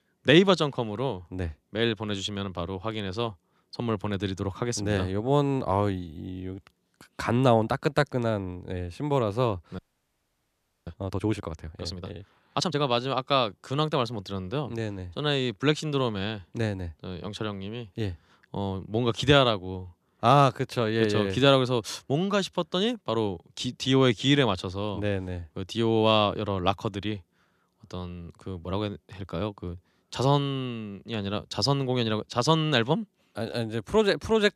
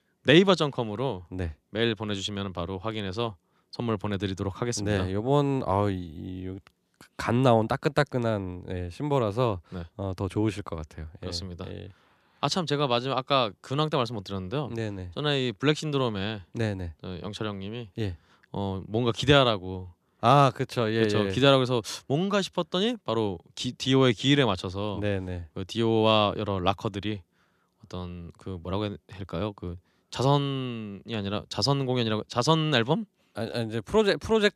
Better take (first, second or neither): second